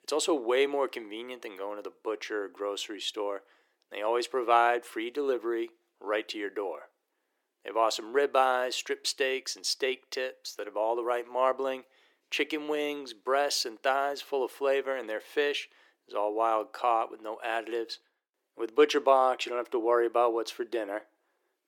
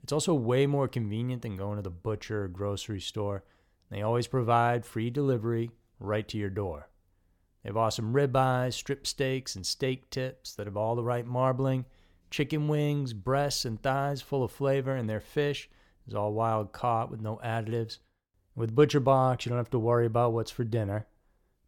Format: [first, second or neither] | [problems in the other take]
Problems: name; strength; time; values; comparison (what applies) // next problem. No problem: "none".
second | thin; very; fading below 350 Hz